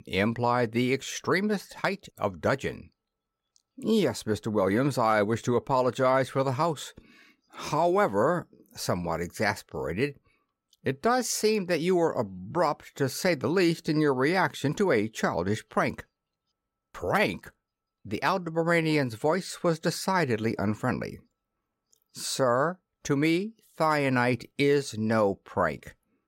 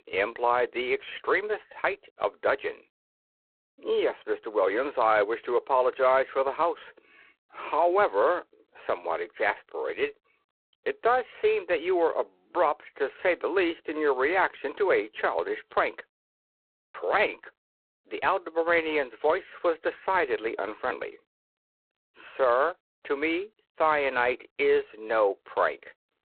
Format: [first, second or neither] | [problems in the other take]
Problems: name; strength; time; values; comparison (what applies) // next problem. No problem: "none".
first | phone-call audio; poor line; nothing above 4 kHz